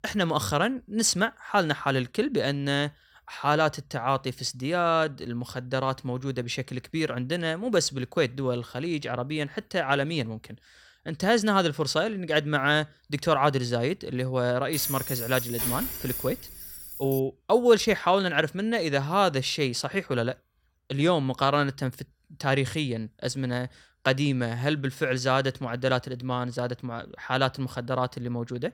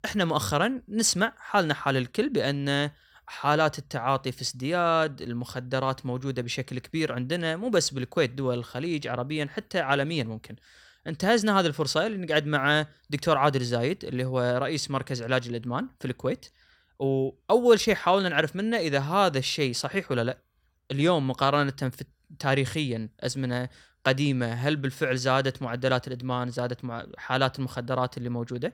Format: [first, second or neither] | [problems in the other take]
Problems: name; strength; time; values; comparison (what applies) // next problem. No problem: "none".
second | jangling keys; noticeable; from 15 to 17 s; peak 1 dB below the speech